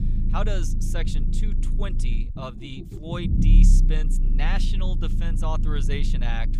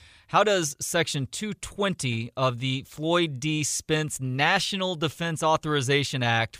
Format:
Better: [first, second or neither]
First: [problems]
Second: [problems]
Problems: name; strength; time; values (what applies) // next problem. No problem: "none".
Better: second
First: low rumble; loud; throughout; 5 dB below the speech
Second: none